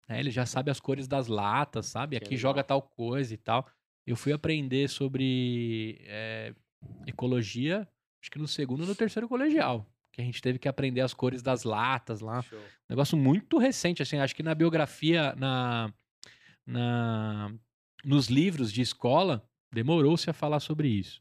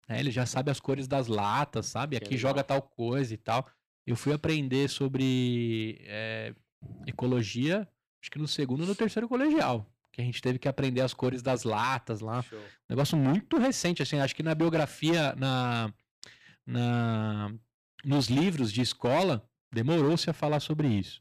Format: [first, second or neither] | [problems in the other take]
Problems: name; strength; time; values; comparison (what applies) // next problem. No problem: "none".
first | distortion; slight; 7% of the sound clipped